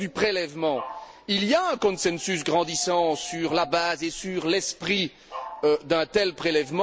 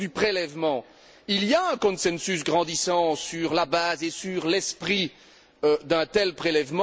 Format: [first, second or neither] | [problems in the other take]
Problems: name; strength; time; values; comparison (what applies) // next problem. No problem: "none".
second | background sound (Dog); 18 dB below the speech